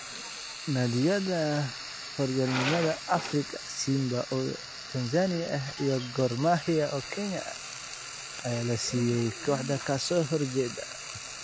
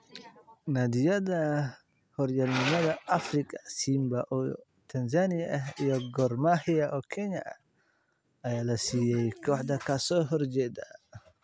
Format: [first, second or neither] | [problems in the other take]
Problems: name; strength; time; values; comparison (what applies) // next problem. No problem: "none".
second | background sound (Frying (food)); 11 dB below the speech